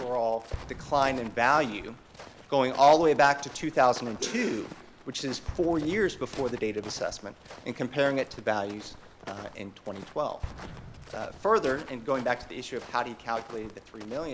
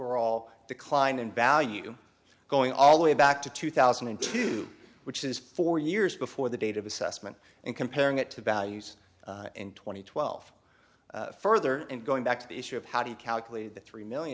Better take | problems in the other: second | background sound (Explosion + Walk, footsteps); 16 dB below the speech

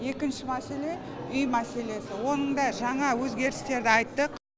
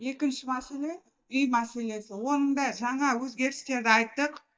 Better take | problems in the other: first | noise reduction (neural mask model DeepFilterNet 3)

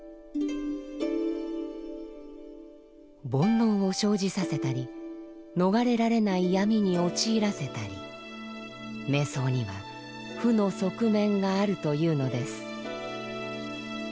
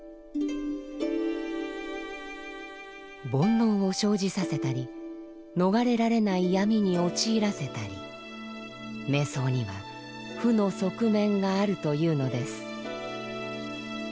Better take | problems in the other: first | background sound (Bowed string instrument); 15 dB below the speech

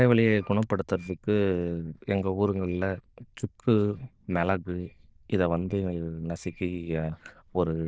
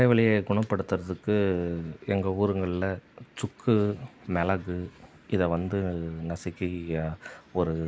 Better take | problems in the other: second | noise reduction (neural diffusion model UNIVERSE++)

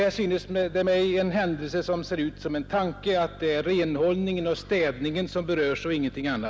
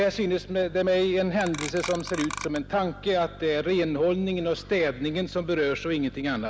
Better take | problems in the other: first | background sound (Clock); 10 dB below the speech

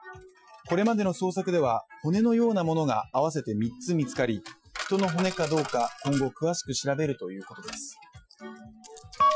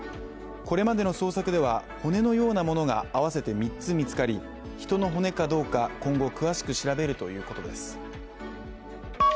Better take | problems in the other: second | noise reduction (classical method Wiener filter)

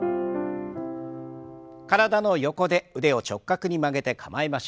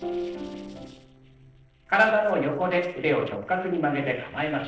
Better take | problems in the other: first | noise reduction (neural separator model SepFormer DNS4)

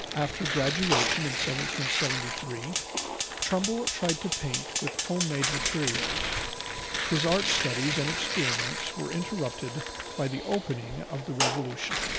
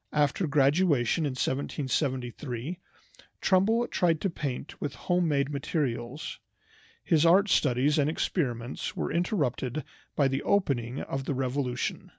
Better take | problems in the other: second | background sound (Fire + Tearing); 1 dB above the speech

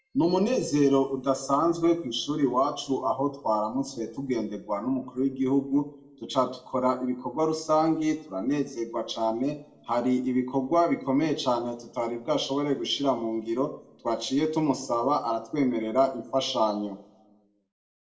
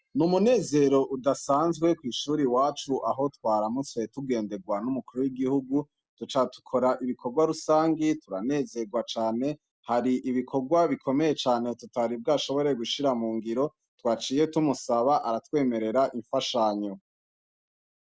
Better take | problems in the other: second | room echo; dies away in 0.6 s

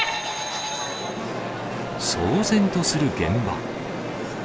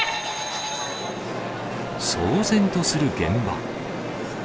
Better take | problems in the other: second | background sound (Wind instrument, woodwind instrument); 16 dB below the speech

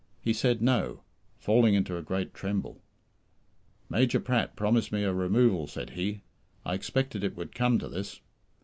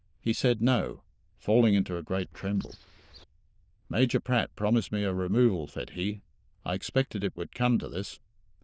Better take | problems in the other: first | noise reduction (neural diffusion model UNIVERSE++)

